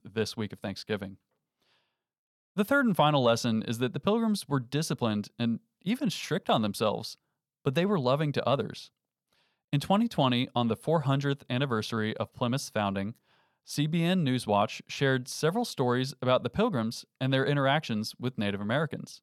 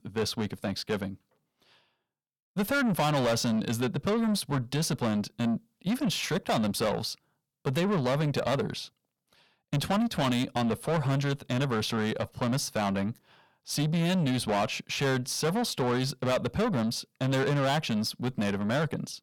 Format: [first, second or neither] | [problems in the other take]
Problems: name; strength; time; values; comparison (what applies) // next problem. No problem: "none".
first | distortion; heavy; 8 dB below the speech